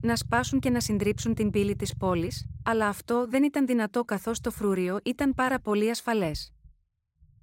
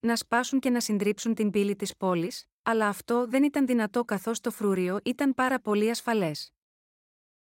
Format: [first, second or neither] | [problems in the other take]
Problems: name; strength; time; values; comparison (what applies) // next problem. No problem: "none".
second | low rumble; faint; throughout; 25 dB below the speech